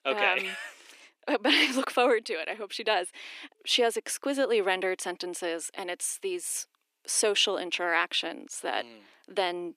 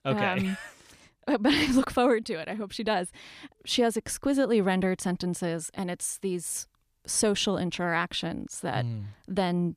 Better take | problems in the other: second | thin; somewhat; fading below 300 Hz

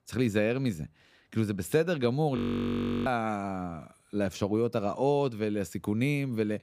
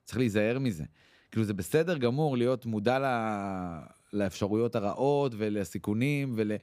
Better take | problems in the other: second | audio freezing; at 2.5 s for 0.5 s

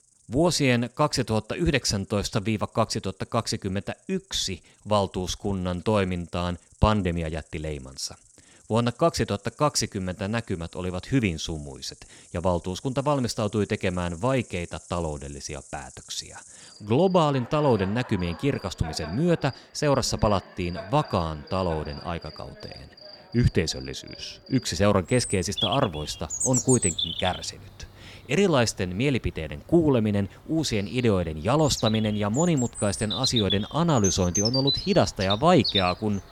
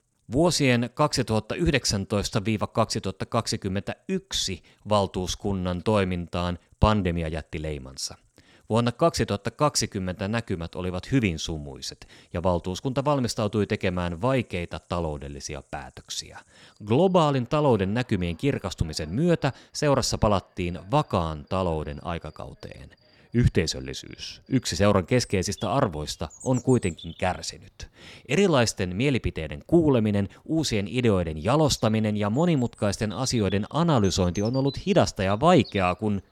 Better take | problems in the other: second | animal sounds; loud; throughout; 6 dB below the speech; faint in the second

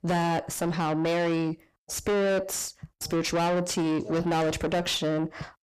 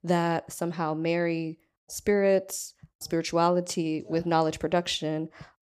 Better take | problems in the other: second | distortion; heavy; 5 dB below the speech

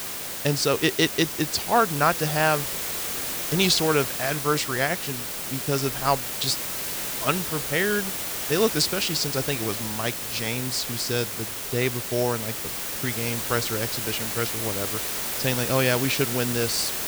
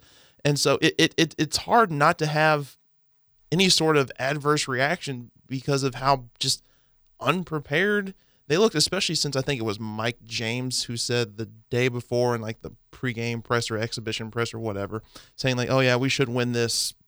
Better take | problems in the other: second | hiss; loud; throughout; 2 dB below the speech

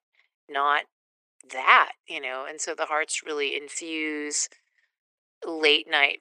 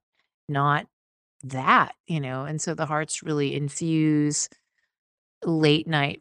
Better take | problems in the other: second | thin; very; fading below 400 Hz

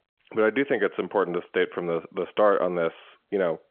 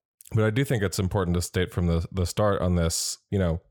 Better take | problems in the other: second | phone-call audio

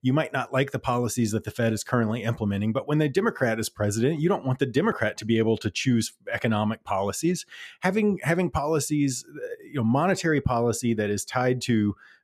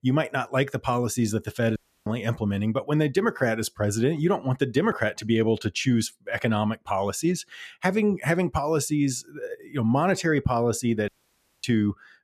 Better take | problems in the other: first | audio cutting out; at 2 s and at 11 s for 0.5 s

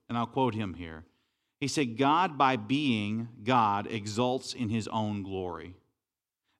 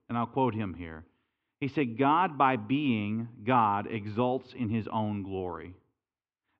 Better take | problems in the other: first | muffled; very; fading above 2.5 kHz

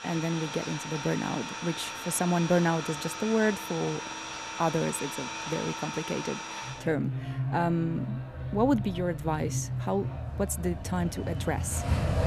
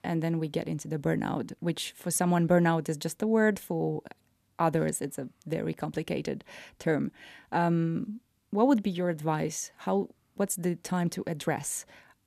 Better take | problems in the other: second | traffic noise; loud; throughout; 5 dB below the speech

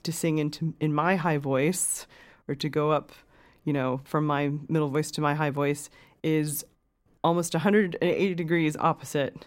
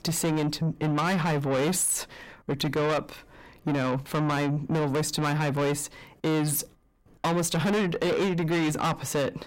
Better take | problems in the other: first | distortion; heavy; 6 dB below the speech

